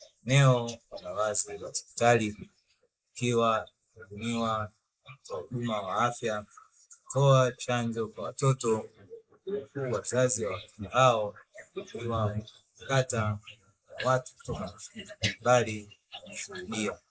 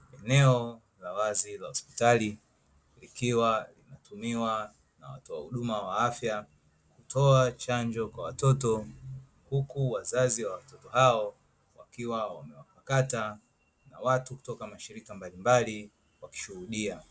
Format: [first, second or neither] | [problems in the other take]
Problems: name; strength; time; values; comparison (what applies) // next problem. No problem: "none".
second | noise reduction (neural mask model Resemble Enhance denoiser)